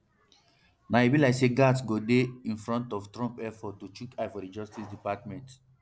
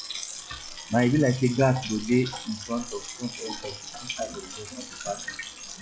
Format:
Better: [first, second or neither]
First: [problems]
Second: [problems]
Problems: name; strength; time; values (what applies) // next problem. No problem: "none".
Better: first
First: none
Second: noise reduction (classical method log-MMSE)